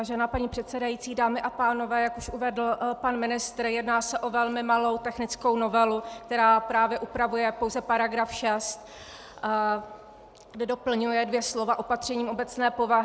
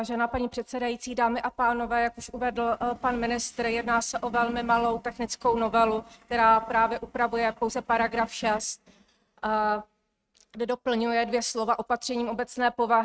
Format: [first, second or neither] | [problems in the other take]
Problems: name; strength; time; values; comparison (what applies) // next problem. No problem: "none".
first | noise reduction (neural mask model RNNoise)